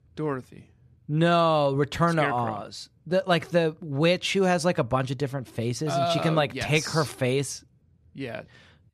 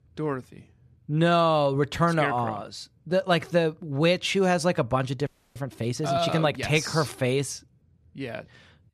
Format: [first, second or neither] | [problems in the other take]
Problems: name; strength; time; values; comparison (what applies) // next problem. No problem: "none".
first | audio freezing; at 5.5 s